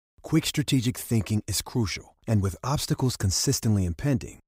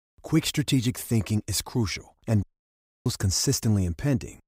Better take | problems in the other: first | audio cutting out; at 2.5 s for 0.5 s

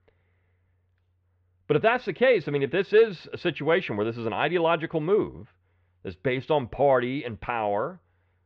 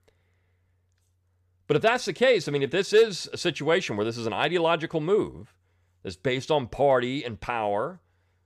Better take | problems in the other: second | muffled; very; fading above 3 kHz

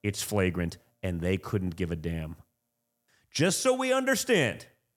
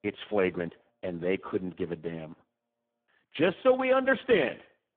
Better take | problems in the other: first | phone-call audio; poor line

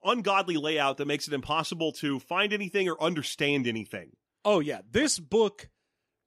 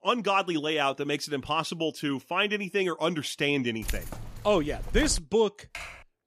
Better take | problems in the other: first | jangling keys; noticeable; from 4 to 5 s; peak 8 dB below the speech // keyboard typing; faint; at 5.5 s; peak 15 dB below the speech

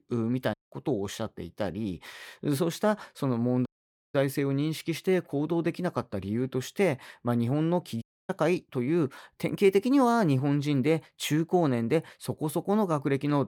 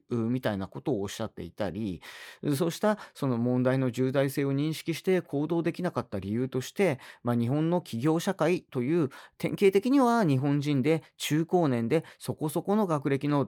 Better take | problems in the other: second | audio cutting out; at 0.5 s, at 3.5 s and at 8 s

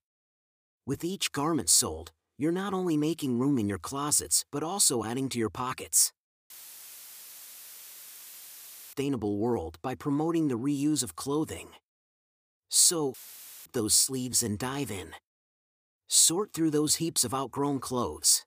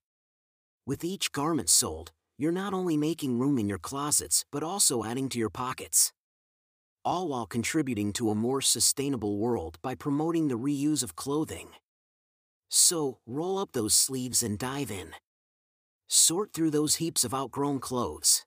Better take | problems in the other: second | audio cutting out; filled with static; at 6.5 s for 2.5 s and at 13 s for 0.5 s

